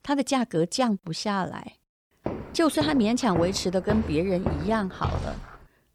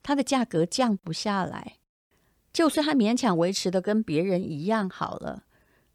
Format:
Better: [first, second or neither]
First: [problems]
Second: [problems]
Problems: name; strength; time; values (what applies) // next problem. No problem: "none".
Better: second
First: footsteps; noticeable; from 2.5 to 5.5 s; peak 6 dB below the speech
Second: none